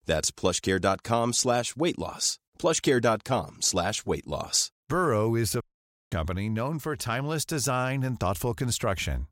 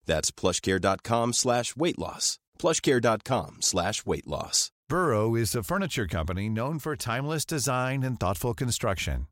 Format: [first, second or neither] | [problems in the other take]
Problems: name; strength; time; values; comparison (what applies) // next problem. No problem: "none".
second | audio cutting out; at 5.5 s for 0.5 s